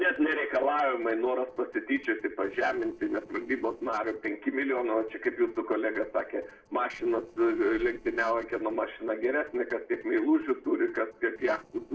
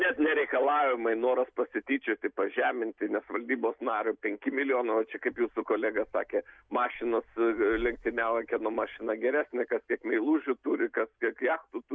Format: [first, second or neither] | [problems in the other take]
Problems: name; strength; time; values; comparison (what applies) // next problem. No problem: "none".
second | noise reduction (neural separator model SepFormer DNS4)